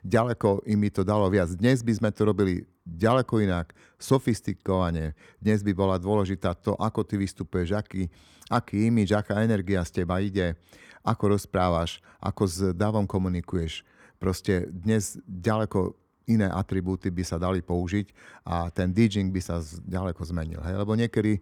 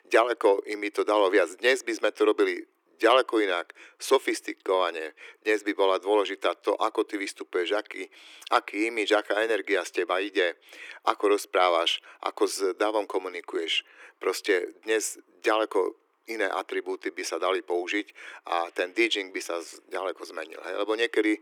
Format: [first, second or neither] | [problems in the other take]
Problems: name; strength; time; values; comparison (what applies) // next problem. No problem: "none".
first | thin; very; fading below 300 Hz